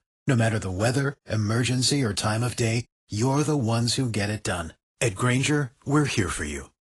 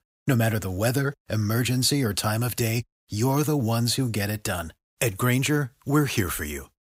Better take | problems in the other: second | garbled, watery; slightly; nothing above 11 kHz

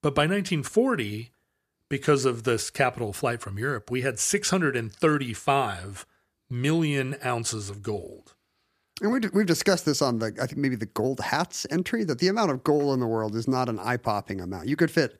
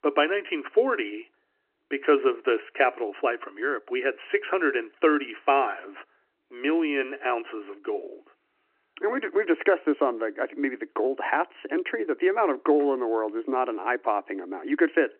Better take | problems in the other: first | phone-call audio

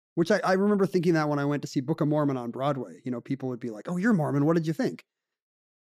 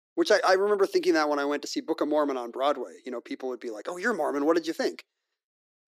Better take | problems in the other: first | thin; somewhat; fading below 300 Hz

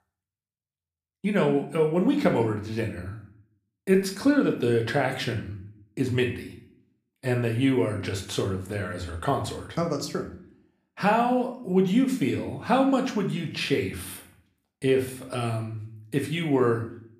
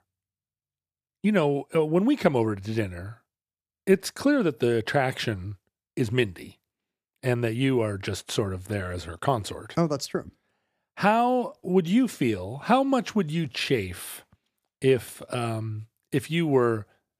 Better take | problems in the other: second | room echo; slight; dies away in 0.5 s // off-mic speech; somewhat distant

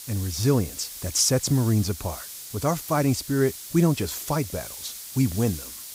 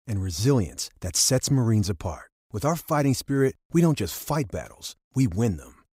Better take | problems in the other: second | hiss; noticeable; throughout; 10 dB below the speech

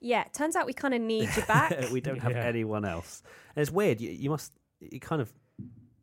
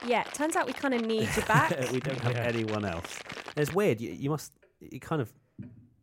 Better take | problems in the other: first | household noises; noticeable; throughout; 10 dB below the speech

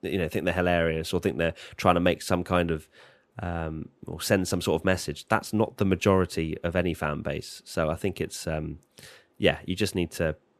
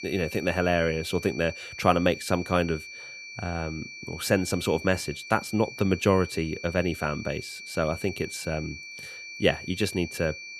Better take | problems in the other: first | high-pitched whine; noticeable; throughout; 2.5 kHz, 10 dB below the speech

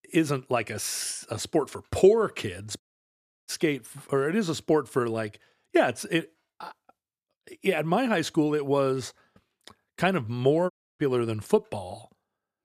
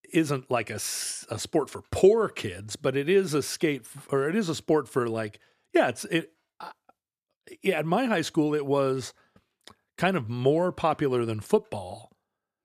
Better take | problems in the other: second | audio cutting out; at 3 s for 0.5 s and at 11 s

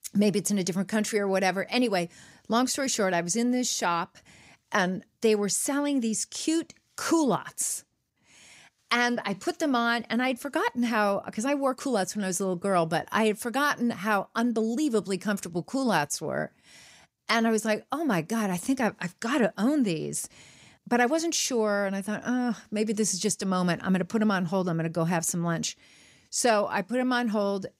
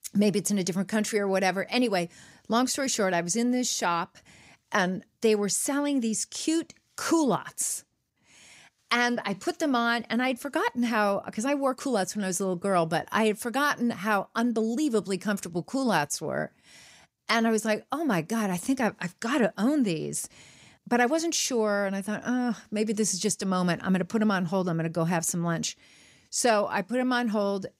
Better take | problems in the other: neither | none

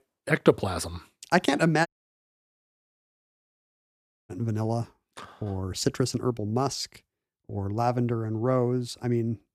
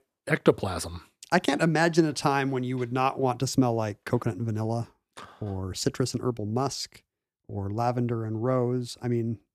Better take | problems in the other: second | audio cutting out; at 2 s for 2.5 s

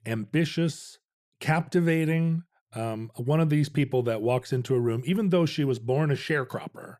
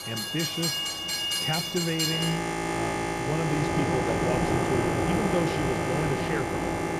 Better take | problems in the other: first | train or aircraft noise; very loud; throughout; 4 dB above the speech

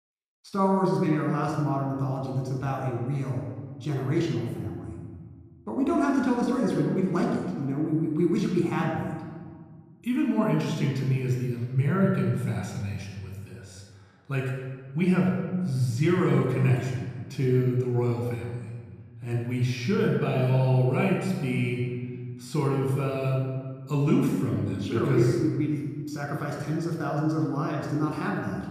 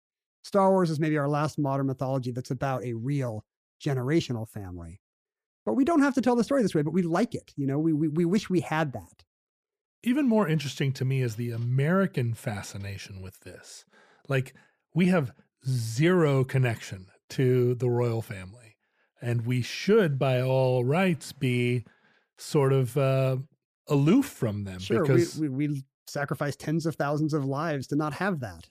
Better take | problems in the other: second | off-mic speech; somewhat distant // room echo; noticeable; dies away in 1.6 s

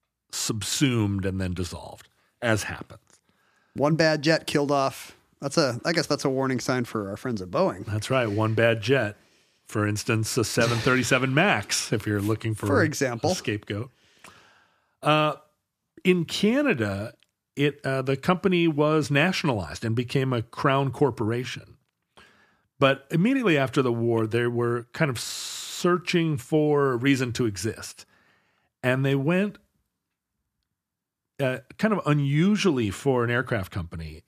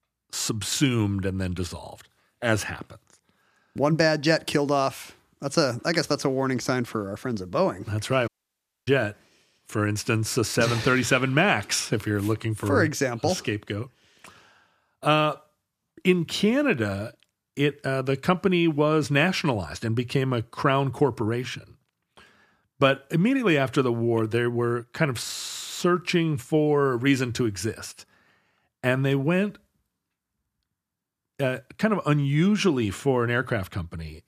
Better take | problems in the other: first | audio cutting out; at 8.5 s for 0.5 s

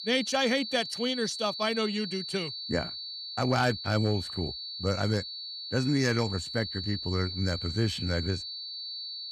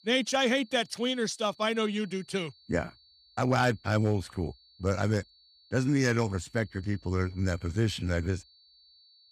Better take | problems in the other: second | high-pitched whine; loud; throughout; 4.5 kHz, 6 dB below the speech; faint in the second

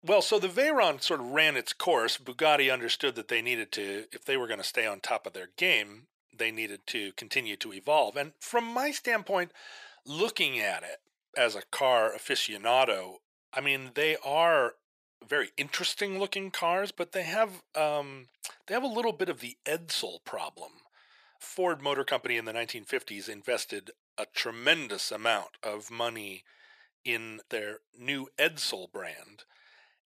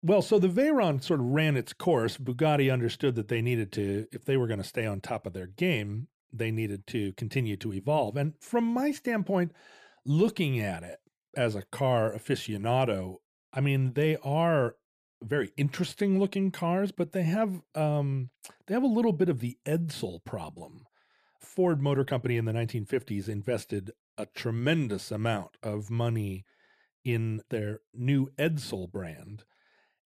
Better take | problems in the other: second | thin; very; fading below 650 Hz

